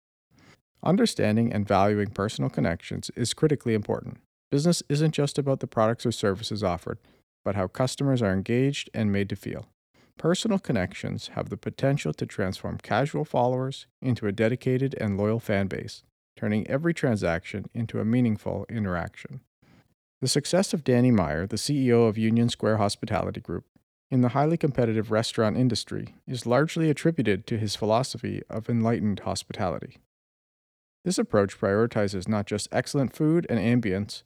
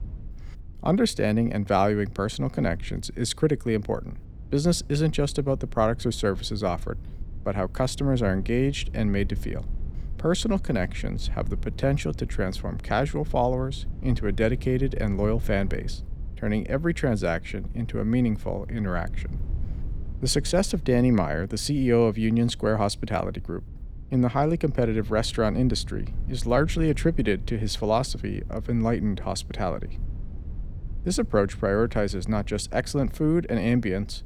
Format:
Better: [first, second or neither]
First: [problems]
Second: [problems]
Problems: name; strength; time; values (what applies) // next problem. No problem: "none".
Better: first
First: none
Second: low rumble; faint; throughout; 25 dB below the speech